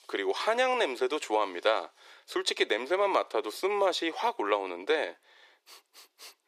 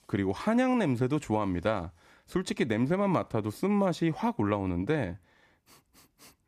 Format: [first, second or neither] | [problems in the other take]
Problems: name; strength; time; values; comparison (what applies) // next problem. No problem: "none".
second | thin; very; fading below 400 Hz